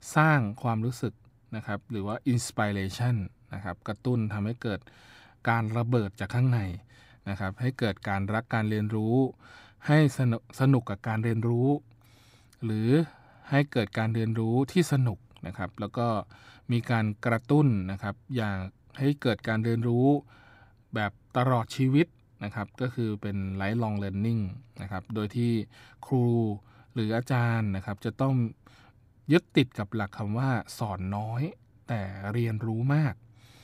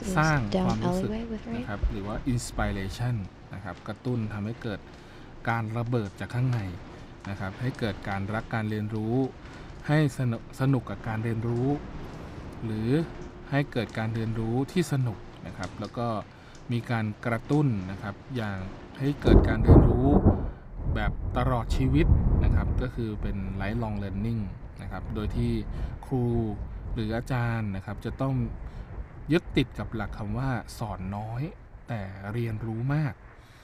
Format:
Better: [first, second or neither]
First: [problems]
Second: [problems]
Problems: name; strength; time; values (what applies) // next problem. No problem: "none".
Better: first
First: none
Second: rain or running water; very loud; throughout; 1 dB above the speech